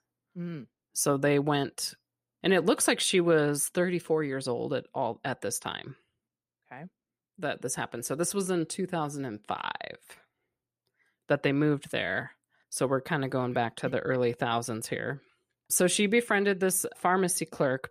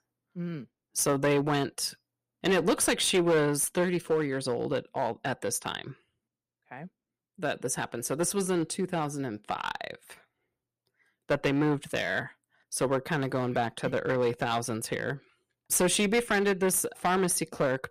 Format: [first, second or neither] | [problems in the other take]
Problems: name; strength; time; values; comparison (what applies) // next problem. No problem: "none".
first | distortion; slight; 4% of the sound clipped